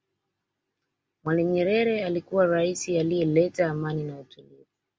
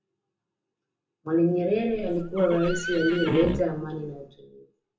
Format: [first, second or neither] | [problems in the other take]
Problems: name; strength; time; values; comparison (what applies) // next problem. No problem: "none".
first | background sound (Livestock, farm animals, working animals); 7 dB below the speech // room echo; dies away in 0.7 s